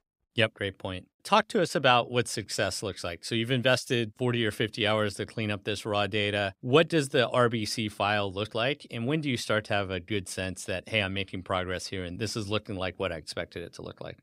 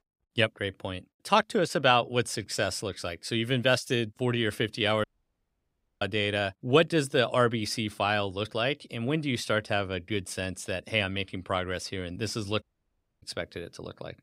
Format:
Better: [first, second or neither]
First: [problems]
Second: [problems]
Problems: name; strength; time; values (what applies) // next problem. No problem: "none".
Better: first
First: none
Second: audio cutting out; at 5 s for 1 s and at 13 s for 0.5 s